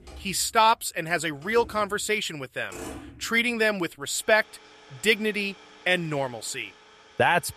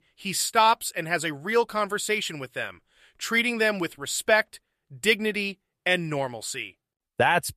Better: second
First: traffic noise; faint; throughout; 20 dB below the speech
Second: none

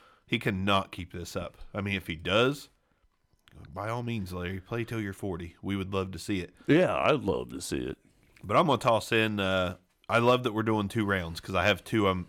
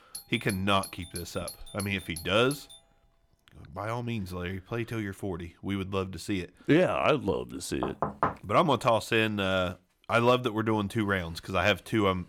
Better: first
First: none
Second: doorbell; faint; until 3 s; peak 10 dB below the speech // door banging; noticeable; at 8 s; peak 2 dB below the speech

